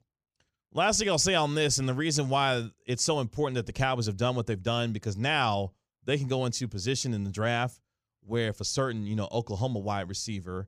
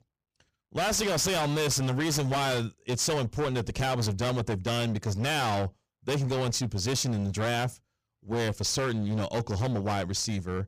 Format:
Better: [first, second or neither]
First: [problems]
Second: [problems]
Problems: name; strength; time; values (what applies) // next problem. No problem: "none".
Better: first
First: none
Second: distortion; heavy; 28% of the sound clipped